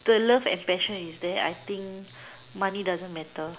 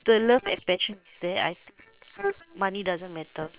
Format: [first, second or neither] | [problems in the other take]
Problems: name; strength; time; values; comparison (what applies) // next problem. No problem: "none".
first | noise reduction (neural separator model SepFormer WHAM!)